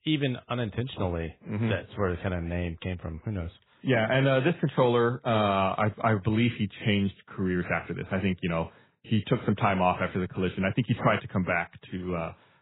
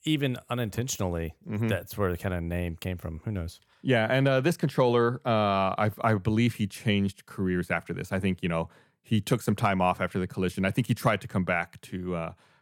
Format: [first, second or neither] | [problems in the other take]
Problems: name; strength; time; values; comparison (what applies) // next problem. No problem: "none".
second | garbled, watery; badly; nothing above 4 kHz